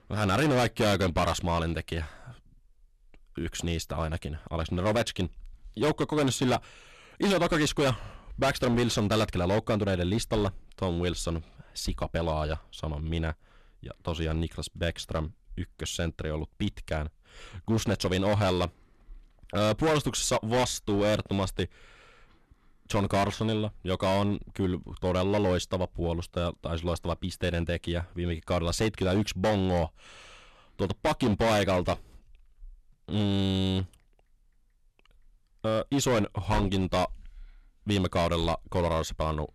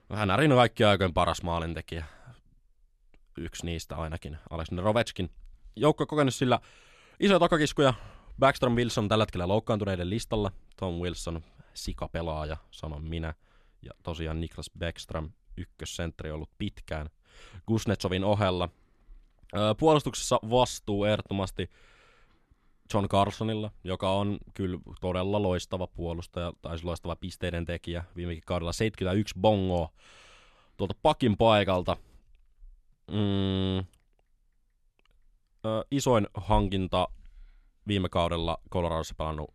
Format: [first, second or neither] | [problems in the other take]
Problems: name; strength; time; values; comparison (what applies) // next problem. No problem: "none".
second | distortion; heavy; 9% of the sound clipped